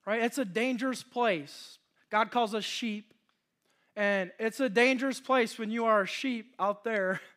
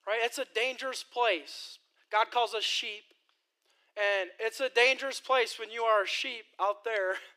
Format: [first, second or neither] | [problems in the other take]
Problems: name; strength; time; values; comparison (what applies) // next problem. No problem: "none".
first | thin; very; fading below 350 Hz